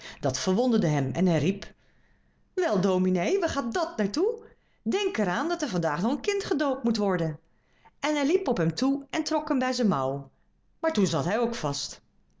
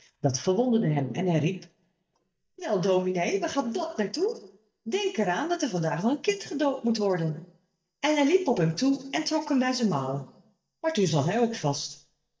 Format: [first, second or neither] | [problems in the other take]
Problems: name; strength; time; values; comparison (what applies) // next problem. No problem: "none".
first | noise reduction (neural mask model DeepFilterNet 3)